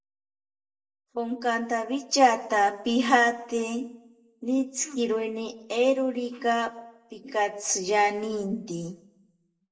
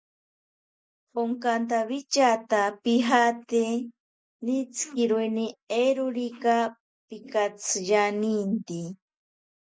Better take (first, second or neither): second